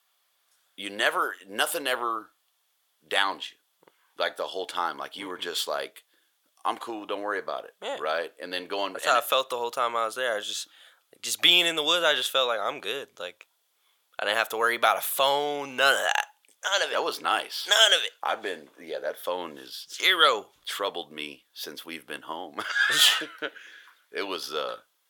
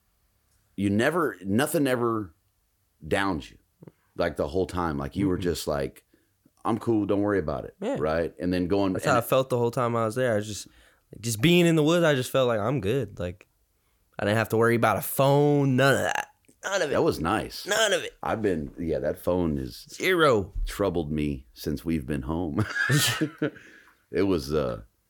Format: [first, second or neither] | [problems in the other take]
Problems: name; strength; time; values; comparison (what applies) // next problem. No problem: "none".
second | thin; very; fading below 850 Hz